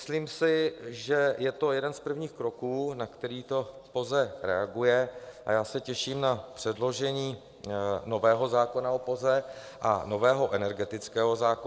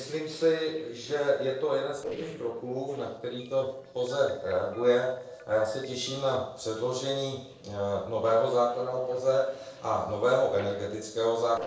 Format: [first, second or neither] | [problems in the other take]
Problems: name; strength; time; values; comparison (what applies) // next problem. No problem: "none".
first | noise reduction (neural separator model SepFormer DNS4)